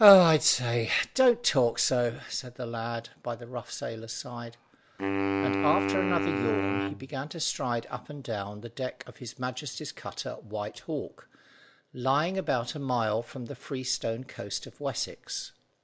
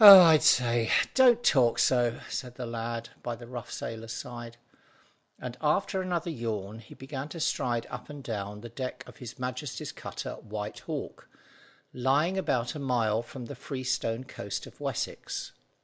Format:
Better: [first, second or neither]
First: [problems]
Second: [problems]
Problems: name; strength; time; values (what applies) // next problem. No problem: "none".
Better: second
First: background sound (Wind instrument, woodwind instrument); 2 dB below the speech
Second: none